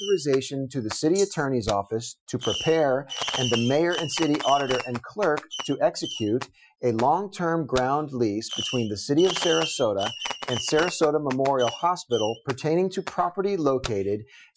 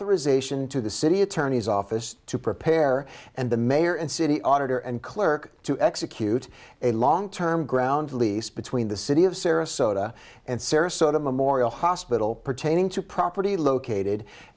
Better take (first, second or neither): second